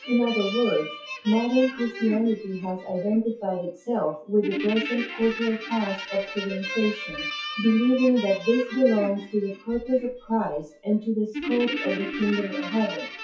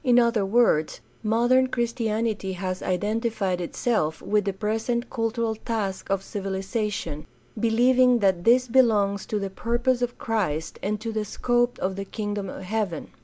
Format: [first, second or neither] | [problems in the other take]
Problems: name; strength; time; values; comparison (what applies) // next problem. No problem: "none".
second | noise reduction (classical method WPE with log-MMSE)